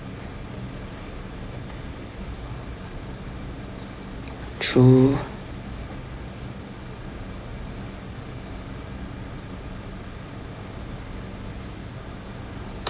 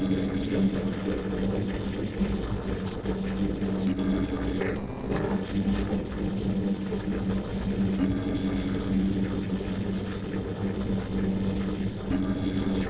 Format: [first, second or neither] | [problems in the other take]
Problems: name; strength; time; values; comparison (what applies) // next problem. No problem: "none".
first | noise reduction (neural separator model SepFormer DNS4)